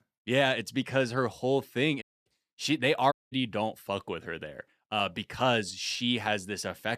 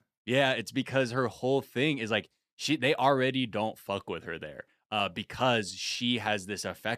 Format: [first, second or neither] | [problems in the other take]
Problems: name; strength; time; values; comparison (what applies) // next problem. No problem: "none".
second | audio cutting out; at 2 s and at 3 s